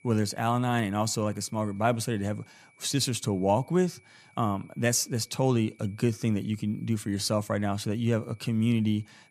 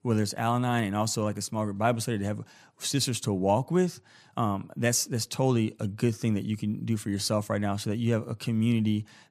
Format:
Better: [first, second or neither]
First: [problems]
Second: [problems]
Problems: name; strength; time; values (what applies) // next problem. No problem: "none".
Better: second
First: high-pitched whine; faint; throughout; 2.5 kHz, 30 dB below the speech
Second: none